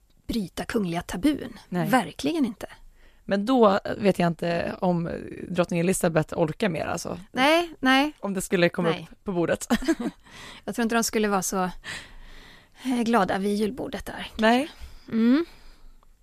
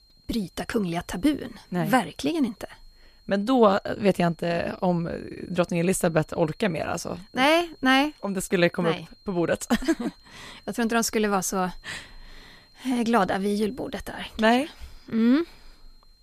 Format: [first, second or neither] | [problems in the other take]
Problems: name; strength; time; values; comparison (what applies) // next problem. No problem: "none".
first | high-pitched whine; faint; throughout; 4 kHz, 30 dB below the speech